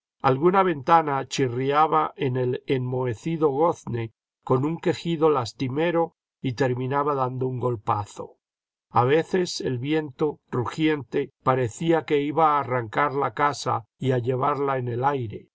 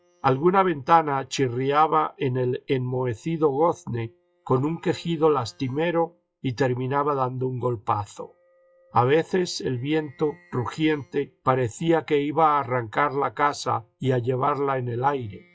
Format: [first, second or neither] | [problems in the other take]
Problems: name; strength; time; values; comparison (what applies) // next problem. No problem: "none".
first | noise reduction (classical method log-MMSE)